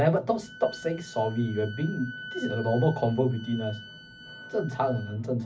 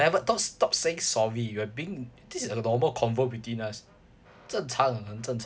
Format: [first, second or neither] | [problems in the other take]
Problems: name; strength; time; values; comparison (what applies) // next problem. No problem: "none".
second | background sound (Wind instrument, woodwind instrument); 16 dB below the speech // room echo; dies away in 0.4 s